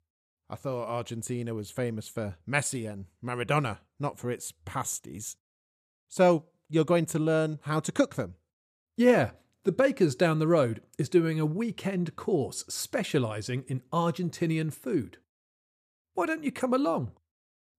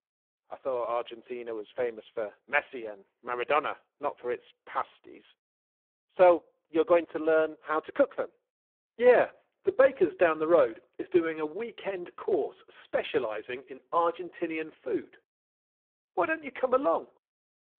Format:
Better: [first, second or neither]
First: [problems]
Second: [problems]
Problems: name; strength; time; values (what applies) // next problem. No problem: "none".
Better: first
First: none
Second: phone-call audio; poor line